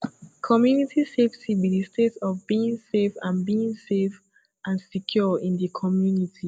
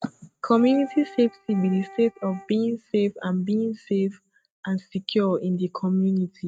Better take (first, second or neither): first